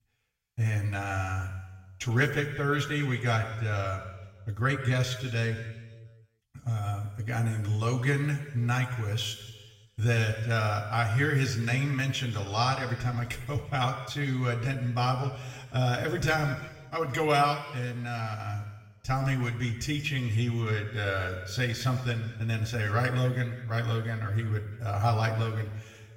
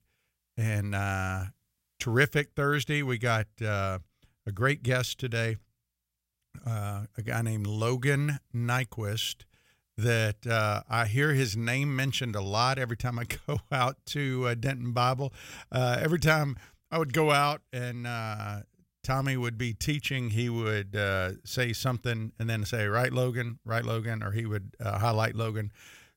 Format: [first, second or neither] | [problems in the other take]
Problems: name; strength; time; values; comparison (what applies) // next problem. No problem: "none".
second | room echo; noticeable; dies away in 1.2 s // off-mic speech; far